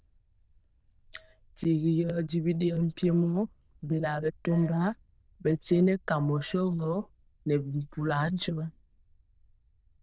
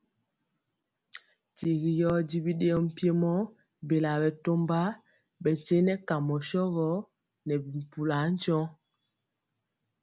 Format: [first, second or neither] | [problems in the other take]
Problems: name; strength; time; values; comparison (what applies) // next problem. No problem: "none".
second | noise reduction (neural diffusion model UNIVERSE++)